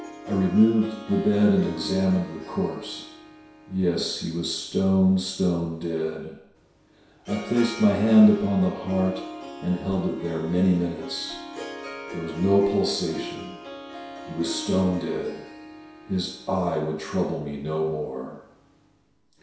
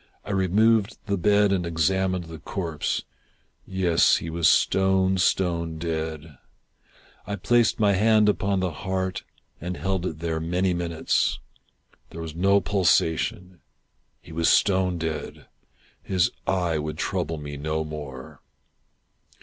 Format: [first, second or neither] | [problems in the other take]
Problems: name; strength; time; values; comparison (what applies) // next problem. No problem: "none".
second | background sound (Harp); 15 dB below the speech // room echo; dies away in 0.7 s